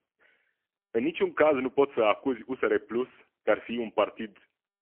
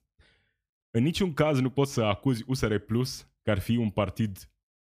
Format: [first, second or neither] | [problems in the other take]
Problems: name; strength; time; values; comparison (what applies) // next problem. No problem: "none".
second | phone-call audio; poor line; nothing above 3 kHz